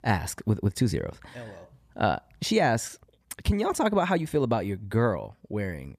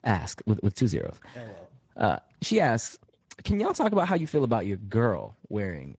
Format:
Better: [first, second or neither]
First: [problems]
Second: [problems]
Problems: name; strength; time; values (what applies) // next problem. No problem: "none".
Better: first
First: none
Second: garbled, watery; slightly; nothing above 7.5 kHz